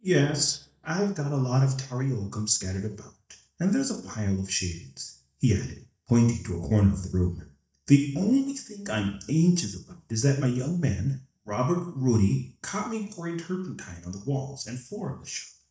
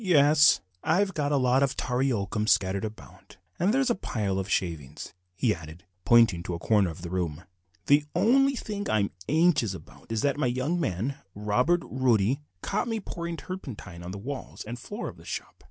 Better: second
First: noise reduction (neural mask model DeepFilterNet 3)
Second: none

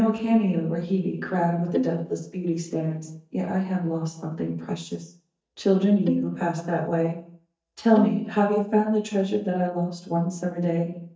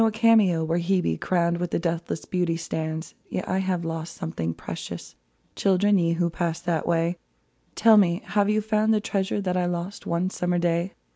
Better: second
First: noise reduction (neural mask model DeepFilterNet 3)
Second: none

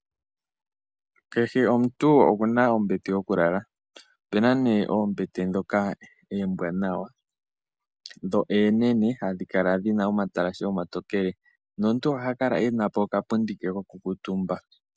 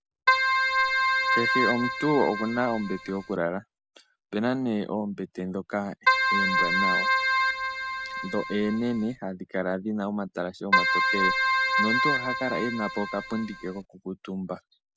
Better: first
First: none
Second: background sound (Keyboard (musical)); 5 dB above the speech

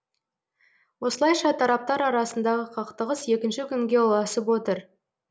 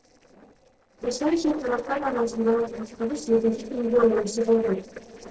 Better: first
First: none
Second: noise reduction (neural separator model SepFormer DNS4)

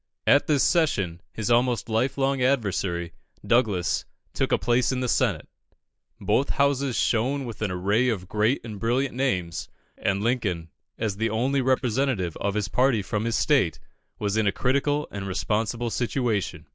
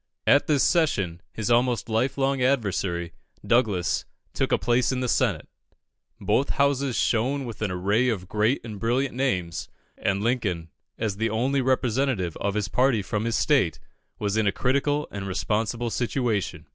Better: second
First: noise reduction (neural mask model Resemble Enhance denoiser)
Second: none

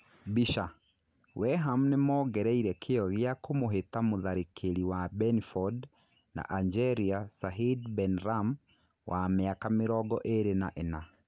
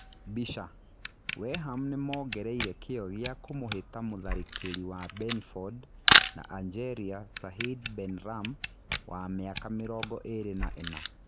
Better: first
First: none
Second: background sound (Camera); 3 dB above the speech

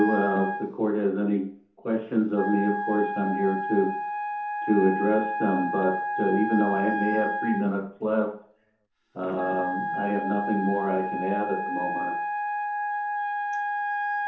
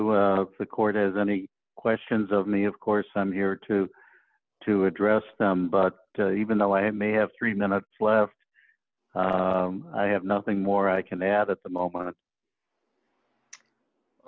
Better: second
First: background sound (Wind instrument, woodwind instrument); 3 dB below the speech // room echo; dies away in 0.6 s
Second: none

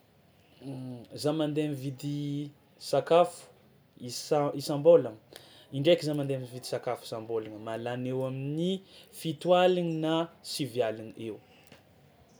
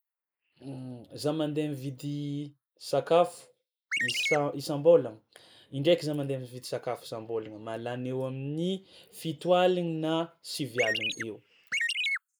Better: first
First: none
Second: noise reduction (neural mask model Resemble Enhance denoiser)

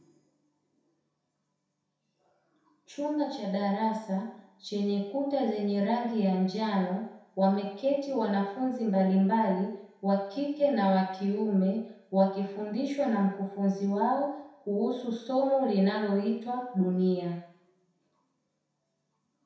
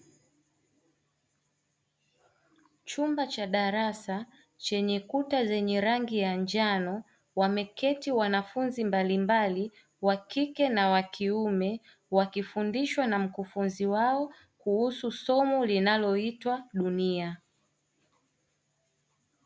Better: second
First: room echo; dies away in 0.7 s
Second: none

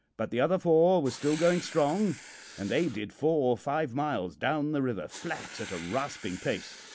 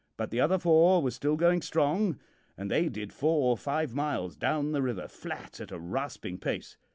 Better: second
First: background sound (Writing); 18 dB below the speech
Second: none

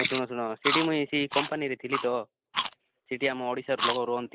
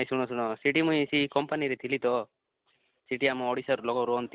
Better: second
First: noise reduction (neural mask model Resemble Enhance denoiser)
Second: none

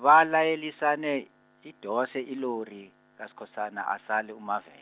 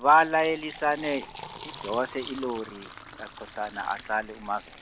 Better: first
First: none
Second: background sound (Fill (with liquid)); 16 dB below the speech

